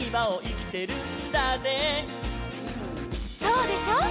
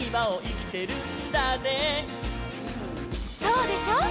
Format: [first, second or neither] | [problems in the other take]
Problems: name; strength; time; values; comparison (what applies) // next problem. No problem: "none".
first | background sound (Waves, surf); 19 dB below the speech